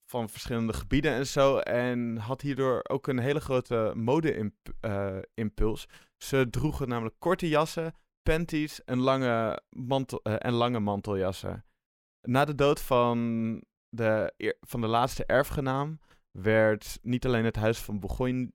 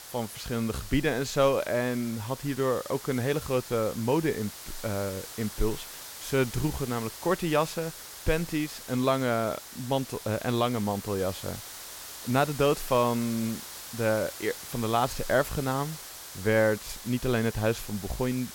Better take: first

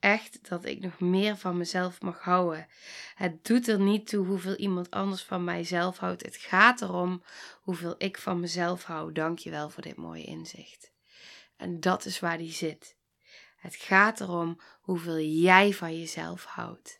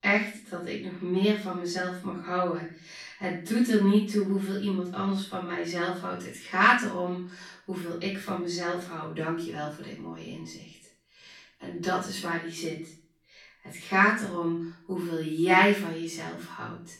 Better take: first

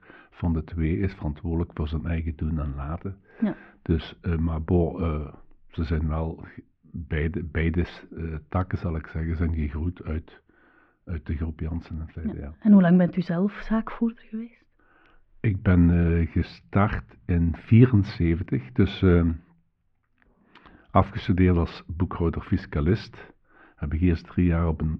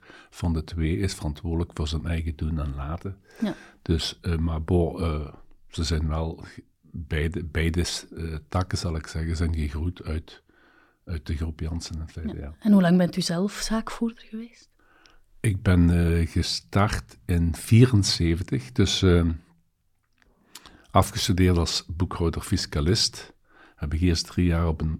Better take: second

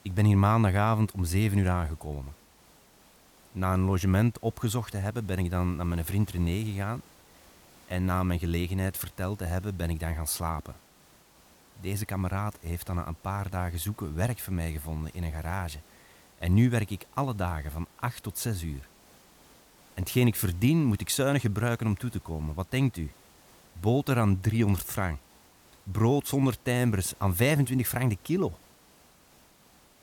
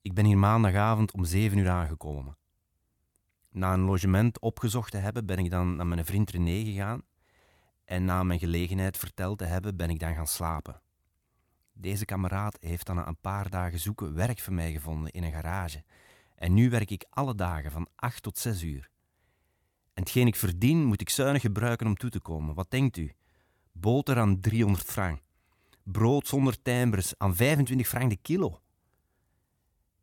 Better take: second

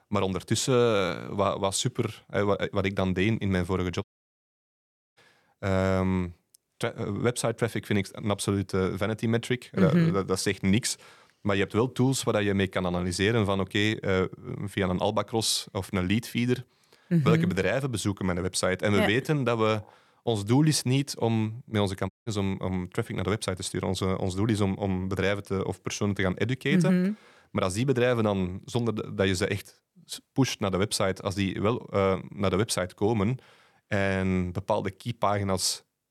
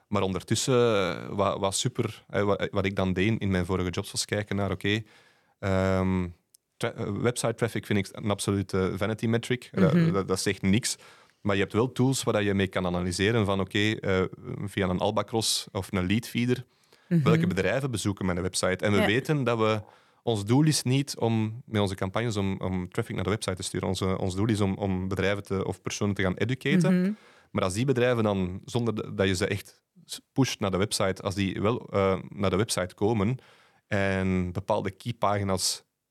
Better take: second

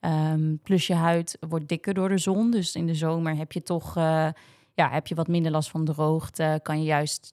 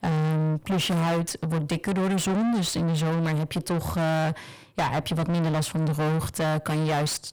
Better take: first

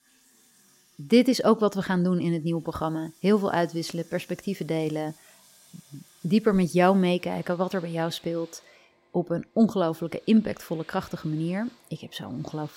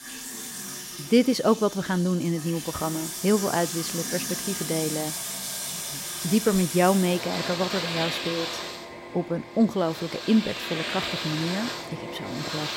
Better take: first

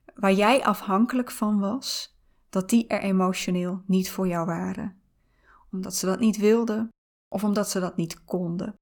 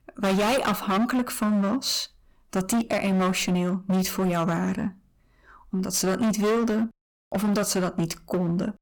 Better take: first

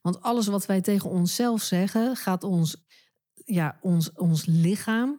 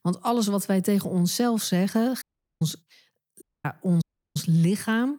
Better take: first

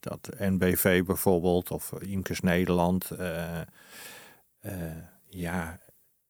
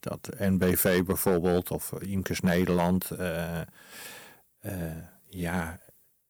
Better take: first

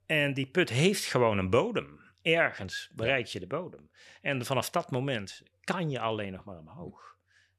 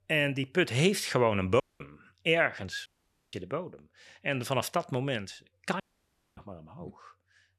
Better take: first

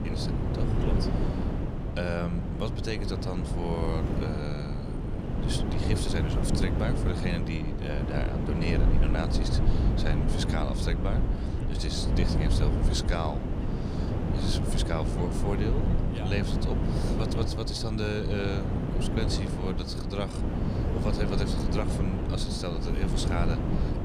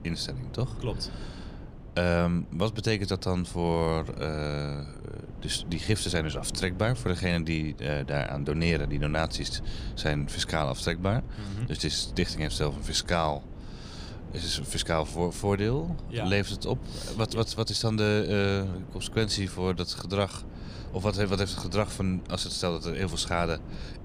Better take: second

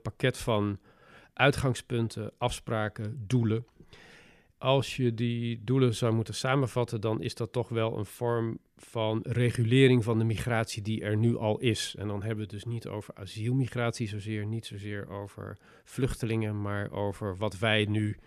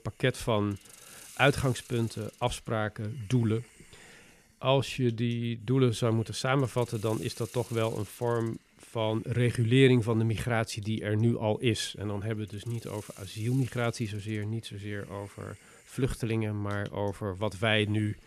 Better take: first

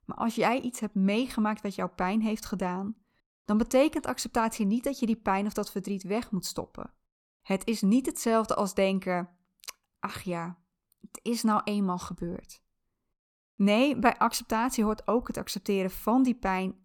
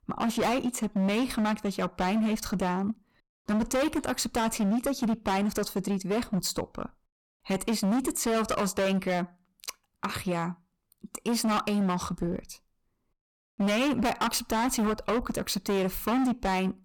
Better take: first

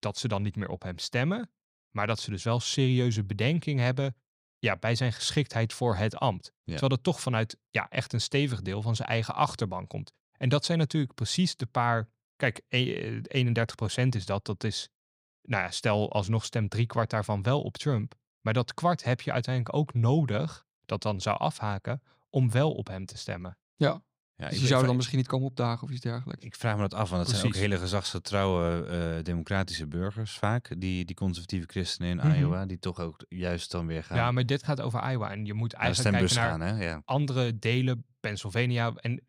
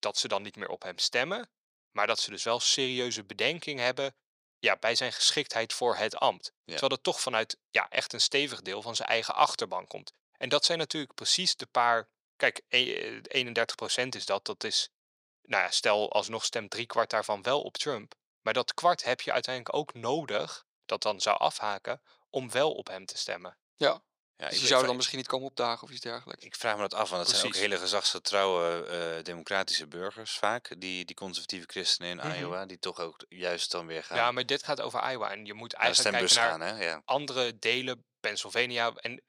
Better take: first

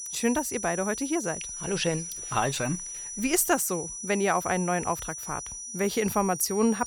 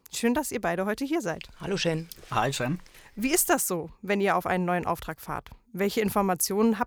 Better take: second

